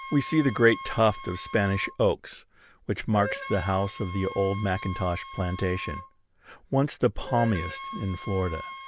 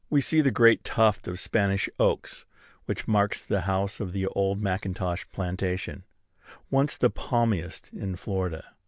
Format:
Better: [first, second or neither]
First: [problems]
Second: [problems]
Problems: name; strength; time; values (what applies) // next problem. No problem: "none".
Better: second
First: background sound (Wind instrument, woodwind instrument); 13 dB below the speech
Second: none